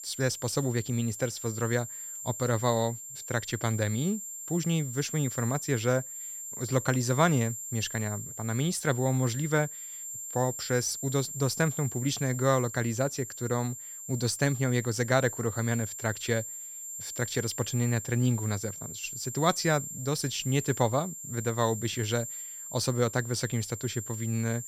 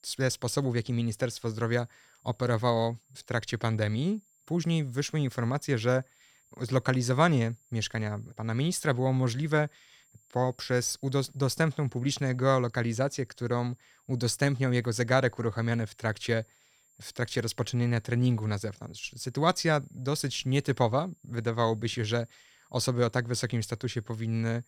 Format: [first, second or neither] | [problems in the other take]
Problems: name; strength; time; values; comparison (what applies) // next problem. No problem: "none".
second | high-pitched whine; loud; throughout; 7.5 kHz, 8 dB below the speech; faint in the second